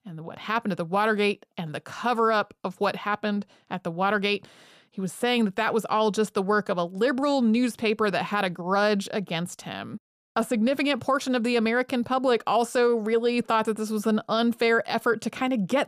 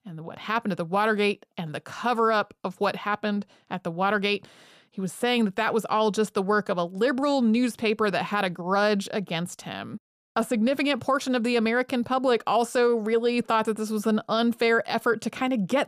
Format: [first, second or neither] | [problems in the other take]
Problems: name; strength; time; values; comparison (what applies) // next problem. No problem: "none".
neither | none